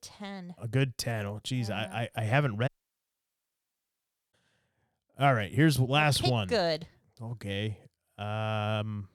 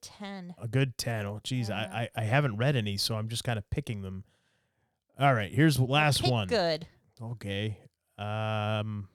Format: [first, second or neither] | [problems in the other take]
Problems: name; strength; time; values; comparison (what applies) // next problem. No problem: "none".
second | audio cutting out; at 2.5 s for 1.5 s